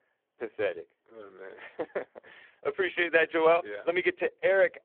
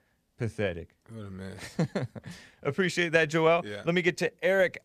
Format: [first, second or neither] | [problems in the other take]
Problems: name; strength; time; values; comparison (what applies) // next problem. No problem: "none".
second | phone-call audio; poor line